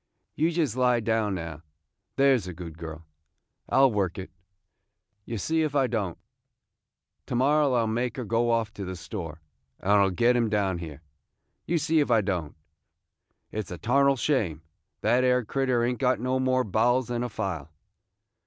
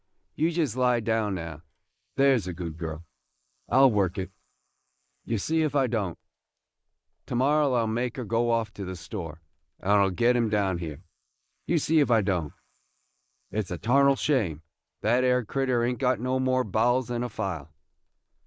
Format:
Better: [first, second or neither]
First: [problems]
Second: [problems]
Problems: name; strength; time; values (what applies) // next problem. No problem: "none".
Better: first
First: none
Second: noise reduction (neural mask model Resemble Enhance denoiser)